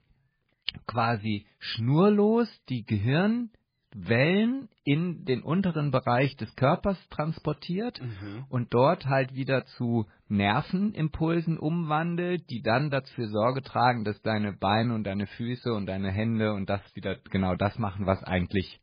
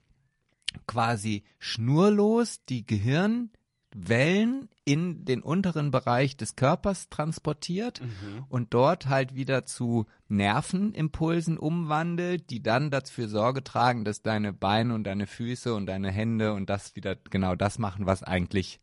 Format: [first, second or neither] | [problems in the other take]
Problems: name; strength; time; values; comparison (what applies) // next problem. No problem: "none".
second | garbled, watery; badly; nothing above 4 kHz; slightly in the second